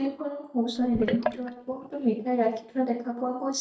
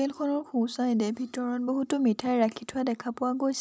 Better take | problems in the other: second | noise reduction (neural mask model DeepFilterNet 3)

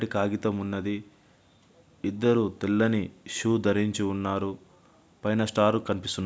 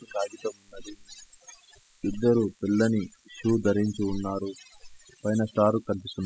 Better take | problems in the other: first | noise reduction (classical method spectral subtraction)

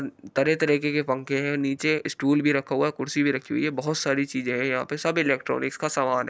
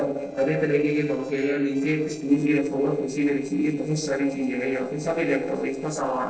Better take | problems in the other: first | noise reduction (neural separator model SepFormer DNS4)

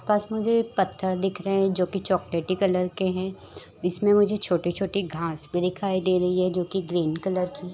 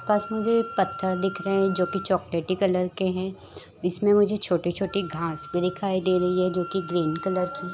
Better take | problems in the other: first | background sound (Wind instrument, woodwind instrument); 15 dB below the speech

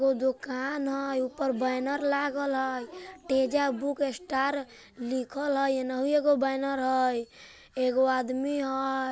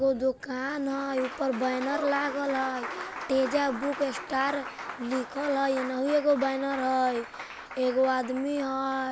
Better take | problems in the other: first | background sound (Applause); 11 dB below the speech

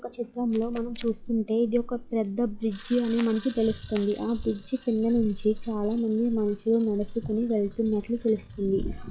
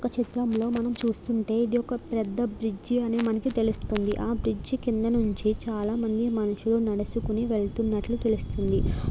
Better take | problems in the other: second | noise reduction (classical method log-MMSE)

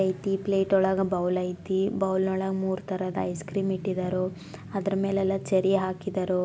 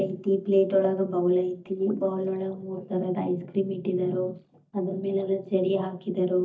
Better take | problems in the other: first | noise reduction (neural mask model DeepFilterNet 3)

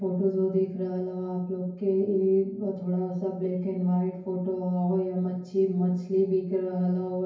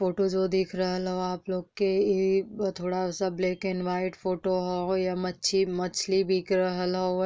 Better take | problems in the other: second | room echo; dies away in 0.9 s

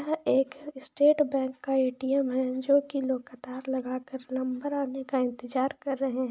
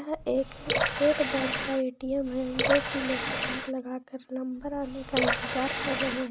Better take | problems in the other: first | background sound (Water tap, faucet / Water); 1 dB below the speech

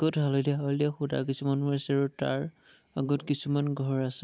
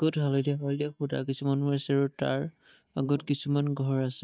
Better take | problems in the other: first | noise reduction (neural mask model DeepFilterNet 3)

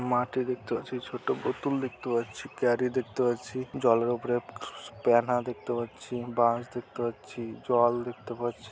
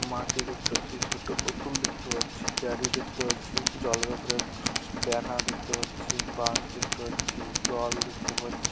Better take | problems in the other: first | background sound (Tools); 4 dB above the speech

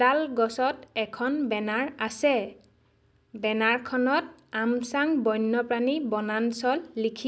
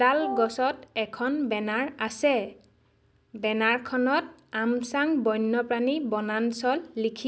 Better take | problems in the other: first | background sound (Wind instrument, woodwind instrument); 8 dB below the speech

